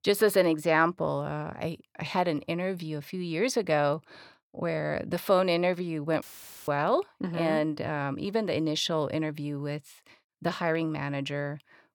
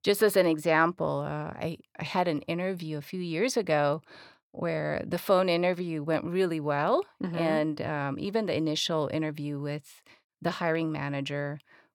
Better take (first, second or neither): second